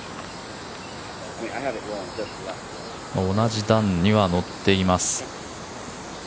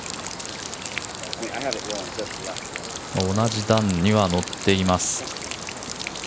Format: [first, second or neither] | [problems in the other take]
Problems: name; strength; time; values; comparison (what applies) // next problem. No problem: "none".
first | background sound (Rain); 10 dB below the speech